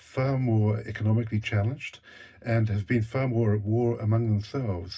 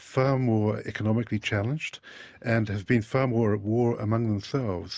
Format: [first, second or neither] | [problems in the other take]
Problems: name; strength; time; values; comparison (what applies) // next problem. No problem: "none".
second | room echo; dies away in 0.4 s